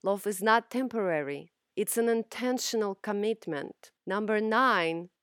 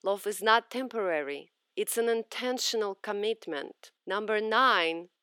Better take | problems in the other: first | thin; very slightly; fading below 350 Hz

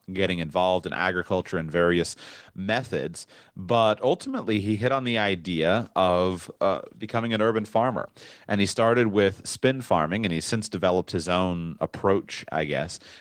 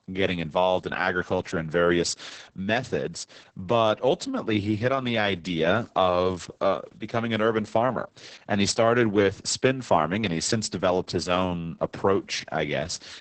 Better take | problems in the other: first | garbled, watery; badly; nothing above 8 kHz; slightly in the first

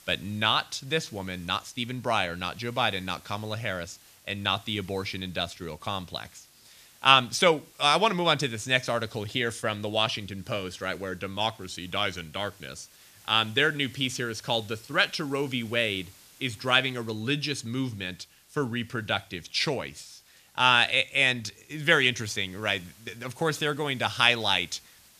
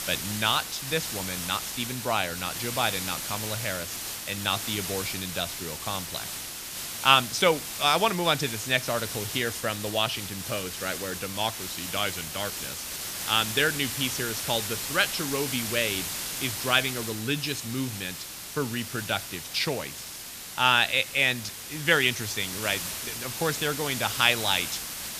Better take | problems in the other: first | hiss; loud; throughout; 5 dB below the speech; faint in the first

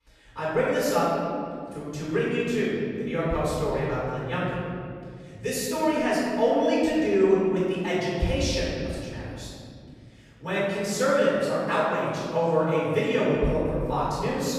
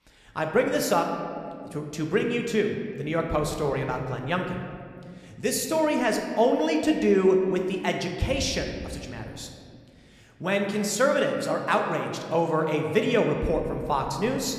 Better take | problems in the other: second | room echo; strong; dies away in 2.4 s; slight in the second // off-mic speech; far

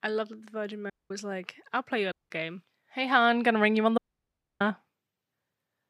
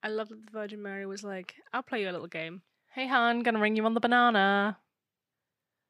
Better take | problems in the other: second | audio cutting out; at 1 s, at 2 s and at 4 s for 0.5 s

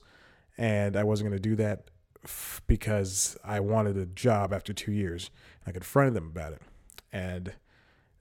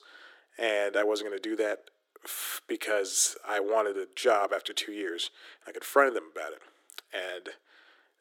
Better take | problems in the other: first | thin; very; fading below 300 Hz

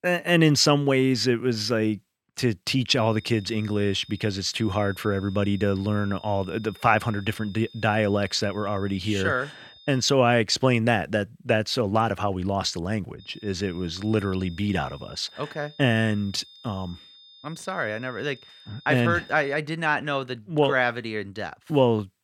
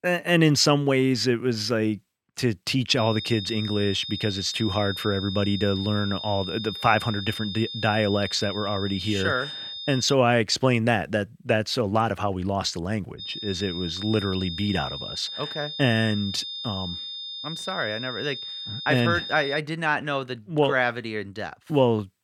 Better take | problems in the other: first | high-pitched whine; loud; from 3 to 10 s and from 13 to 20 s; 3.5 kHz, 8 dB below the speech; faint in the first

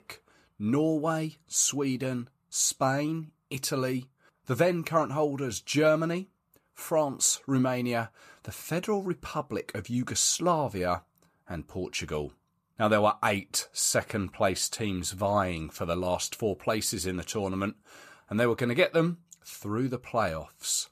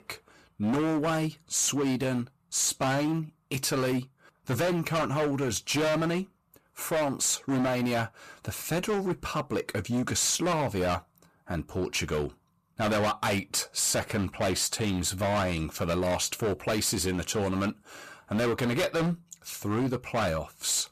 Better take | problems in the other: first | distortion; heavy; 20% of the sound clipped

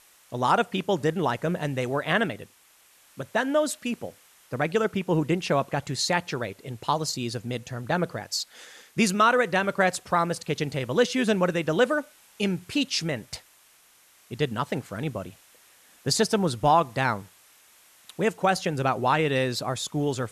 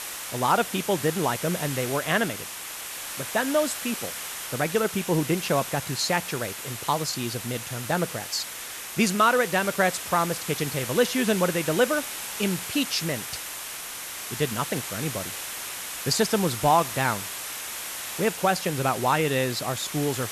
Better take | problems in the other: first | hiss; loud; throughout; 7 dB below the speech; faint in the first

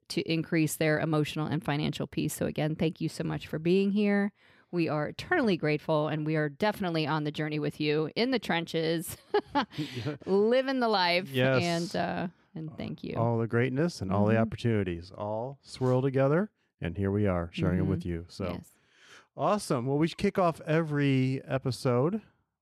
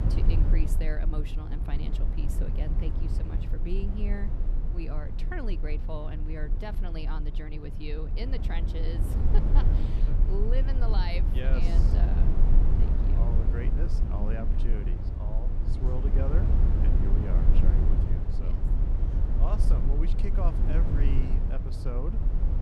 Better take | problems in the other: first | low rumble; loud; throughout; 2 dB below the speech

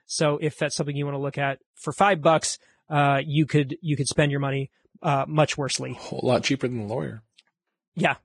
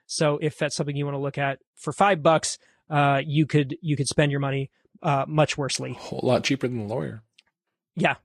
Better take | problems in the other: second | garbled, watery; badly; nothing above 8.5 kHz; slightly in the second

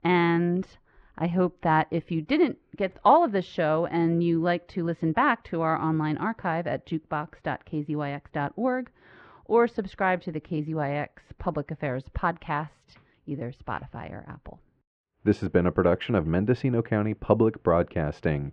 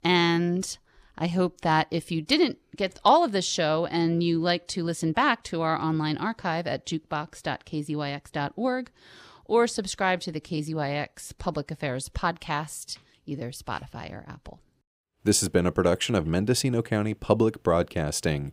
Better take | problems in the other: second | muffled; very; fading above 2 kHz

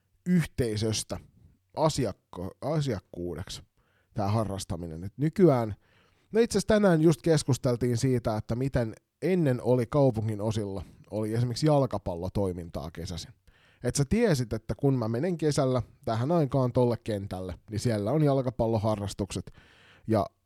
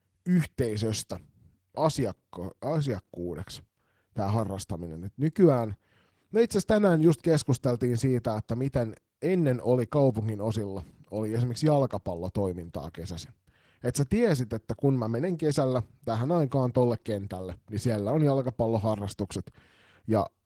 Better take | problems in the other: first | garbled, watery; slightly

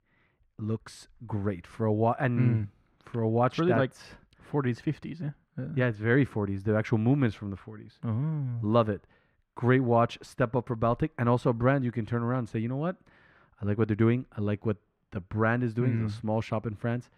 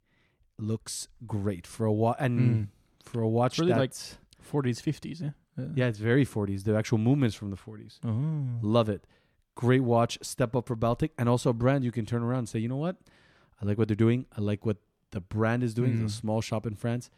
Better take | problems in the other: second | muffled; slightly; fading above 4 kHz

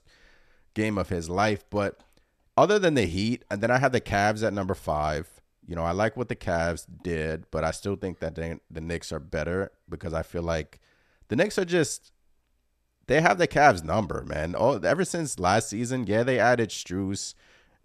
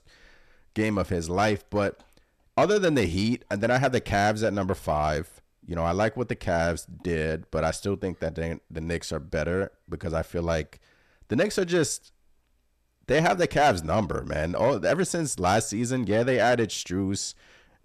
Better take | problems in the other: first | distortion; slight; 10 dB below the speech

